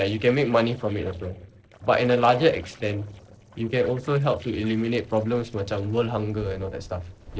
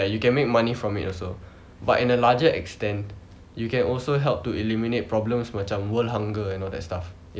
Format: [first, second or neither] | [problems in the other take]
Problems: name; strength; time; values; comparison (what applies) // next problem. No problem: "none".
second | noise reduction (neural separator model SepFormer DNS4)